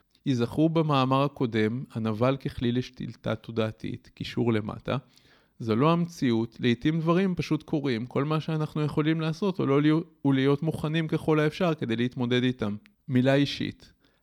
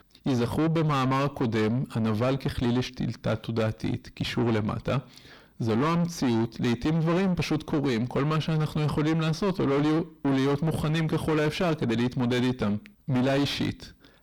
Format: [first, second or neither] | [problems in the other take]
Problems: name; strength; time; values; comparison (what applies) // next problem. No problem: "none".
first | distortion; heavy; 5 dB below the speech